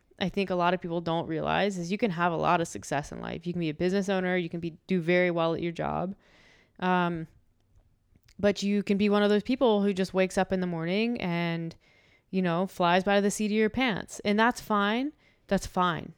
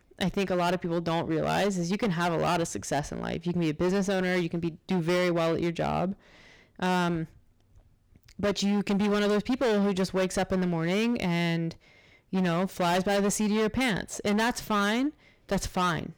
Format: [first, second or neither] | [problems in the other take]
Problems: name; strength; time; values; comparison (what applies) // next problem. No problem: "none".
first | distortion; heavy; 17% of the sound clipped